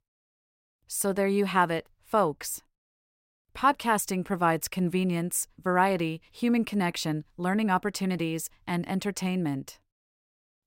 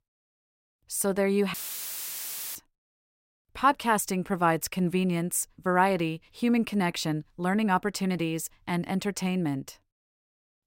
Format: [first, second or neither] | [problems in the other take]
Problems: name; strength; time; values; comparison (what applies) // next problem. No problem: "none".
first | audio cutting out; filled with static; at 1.5 s for 1 s